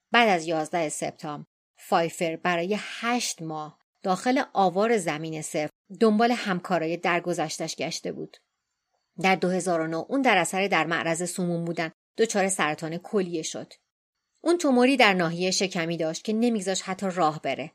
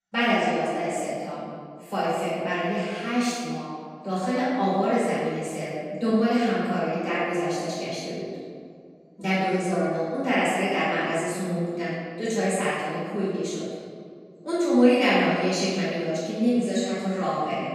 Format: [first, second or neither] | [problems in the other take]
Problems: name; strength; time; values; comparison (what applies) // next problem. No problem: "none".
first | off-mic speech; far // room echo; strong; dies away in 1.8 s